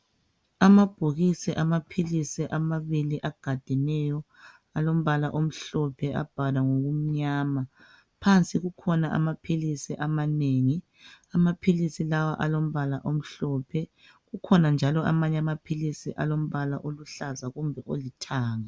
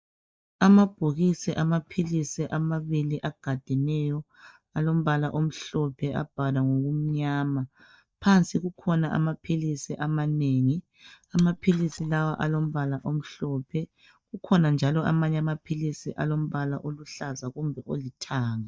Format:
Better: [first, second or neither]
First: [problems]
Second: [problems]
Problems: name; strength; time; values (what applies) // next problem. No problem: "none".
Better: first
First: none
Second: noise reduction (neural mask model DeepFilterNet 3)